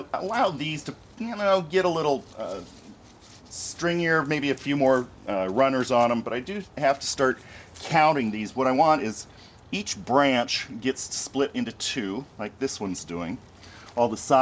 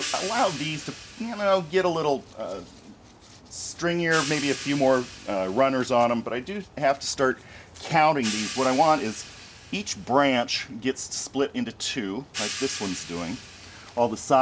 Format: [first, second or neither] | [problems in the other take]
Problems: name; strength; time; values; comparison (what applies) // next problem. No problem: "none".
first | background sound (Hi-hat); 14 dB below the speech